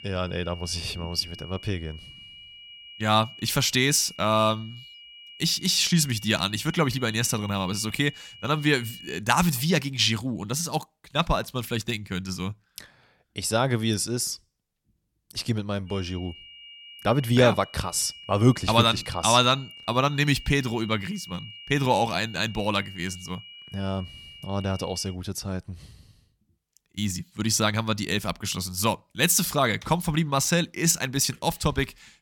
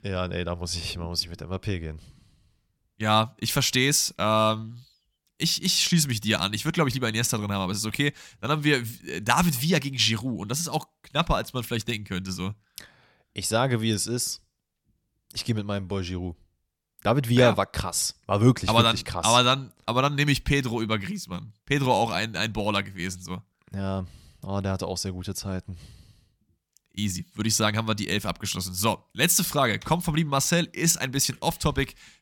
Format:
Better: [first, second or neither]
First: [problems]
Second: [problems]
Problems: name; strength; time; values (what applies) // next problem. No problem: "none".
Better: second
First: high-pitched whine; noticeable; until 9 s and from 16 to 25 s; 3 kHz, 20 dB below the speech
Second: none